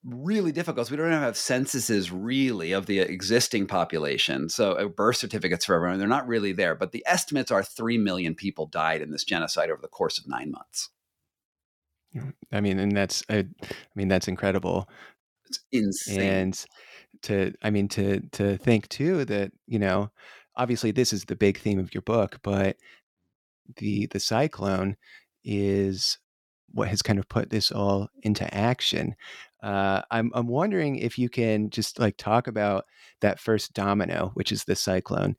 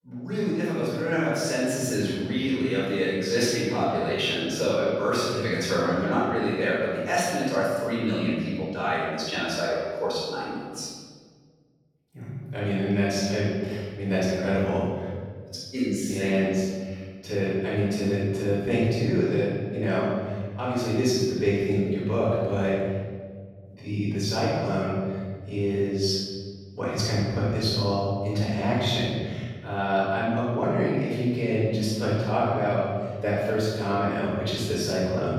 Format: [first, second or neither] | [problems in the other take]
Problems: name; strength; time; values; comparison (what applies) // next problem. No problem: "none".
first | off-mic speech; far // room echo; strong; dies away in 1.8 s